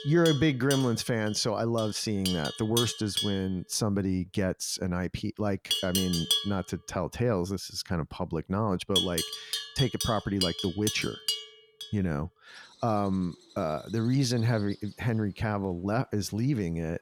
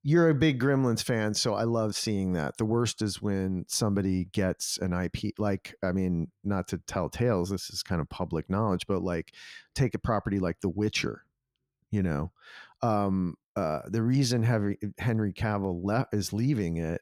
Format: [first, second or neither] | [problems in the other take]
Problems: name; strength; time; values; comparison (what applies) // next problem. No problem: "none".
second | animal sounds; loud; throughout; 2 dB below the speech